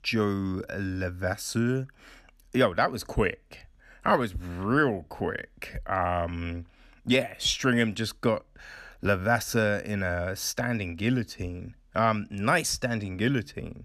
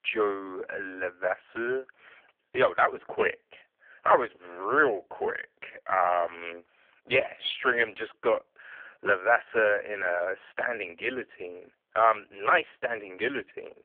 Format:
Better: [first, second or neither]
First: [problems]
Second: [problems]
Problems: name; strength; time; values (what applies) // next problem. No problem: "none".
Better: first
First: none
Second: phone-call audio; poor line; nothing above 3.5 kHz